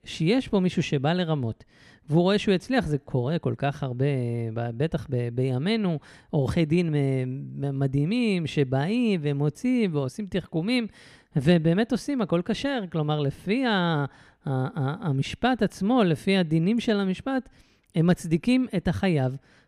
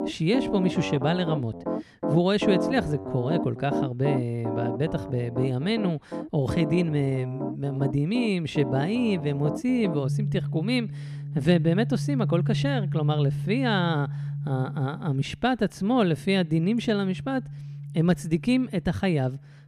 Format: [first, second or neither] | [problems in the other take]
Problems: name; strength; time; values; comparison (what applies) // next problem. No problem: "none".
first | background music; loud; throughout; 6 dB below the speech